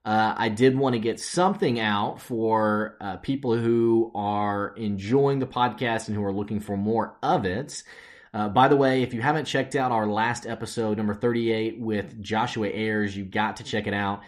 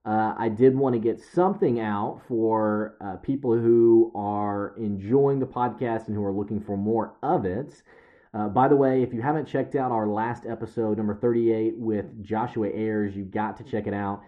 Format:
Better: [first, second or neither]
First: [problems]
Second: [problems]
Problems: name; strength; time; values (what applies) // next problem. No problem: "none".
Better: first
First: none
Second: muffled; very; fading above 2 kHz